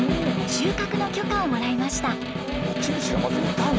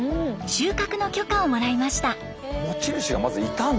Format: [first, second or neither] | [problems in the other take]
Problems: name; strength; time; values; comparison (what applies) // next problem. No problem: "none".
second | background sound (Snare drum); as loud as the speech